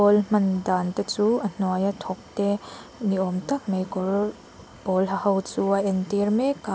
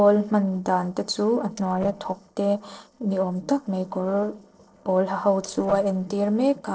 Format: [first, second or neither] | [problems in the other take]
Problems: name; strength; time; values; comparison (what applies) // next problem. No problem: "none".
first | noise reduction (neural separator model SepFormer DNS4)